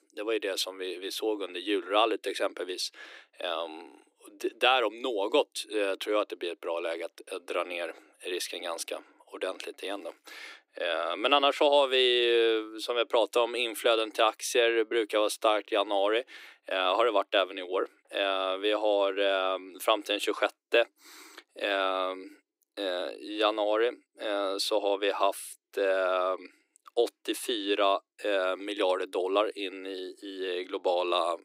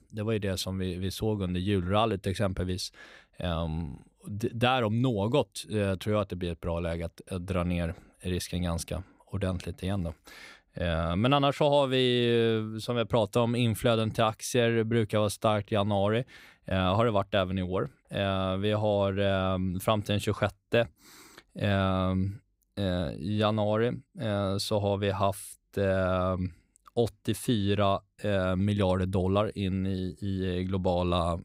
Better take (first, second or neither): second